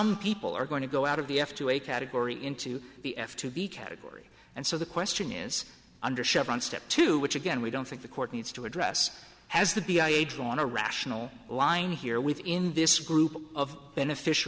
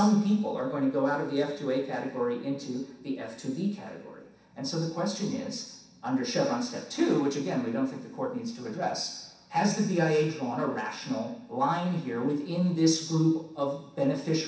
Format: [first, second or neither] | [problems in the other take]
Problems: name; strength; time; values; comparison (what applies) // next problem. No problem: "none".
first | room echo; dies away in 0.7 s